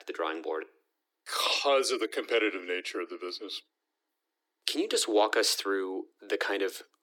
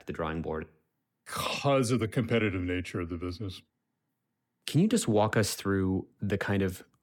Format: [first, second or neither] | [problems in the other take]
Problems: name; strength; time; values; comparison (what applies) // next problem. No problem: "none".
second | thin; very; fading below 300 Hz